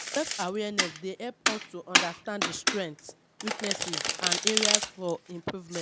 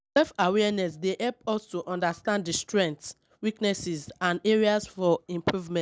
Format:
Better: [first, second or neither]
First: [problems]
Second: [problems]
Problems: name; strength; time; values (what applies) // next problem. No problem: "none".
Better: second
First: background sound (Domestic sounds, home sounds); 4 dB above the speech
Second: none